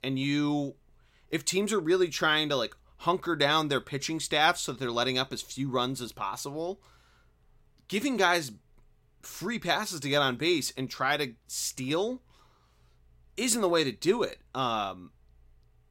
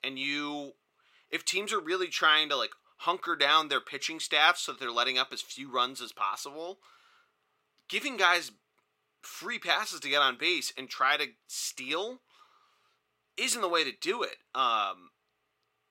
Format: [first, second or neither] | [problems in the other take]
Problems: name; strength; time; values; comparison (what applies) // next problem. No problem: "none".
first | thin; somewhat; fading below 400 Hz